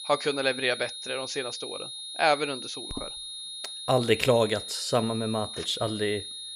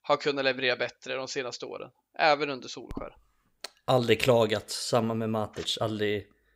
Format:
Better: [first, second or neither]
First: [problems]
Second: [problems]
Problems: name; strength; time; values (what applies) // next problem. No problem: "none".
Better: second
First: high-pitched whine; loud; throughout; 3.5 kHz, 8 dB below the speech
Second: none